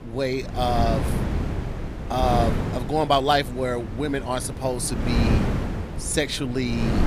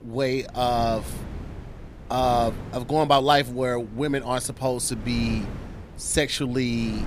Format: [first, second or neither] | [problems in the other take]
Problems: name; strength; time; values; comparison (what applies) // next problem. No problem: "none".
second | wind noise on the microphone; heavy; 9 dB below the speech; occasional gusts in the second